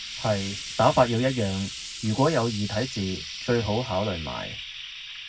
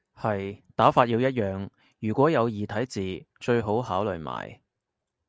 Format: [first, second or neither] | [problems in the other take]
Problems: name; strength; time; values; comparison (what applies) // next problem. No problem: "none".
second | background sound (Frying (food)); 10 dB below the speech // room echo; dies away in 0.4 s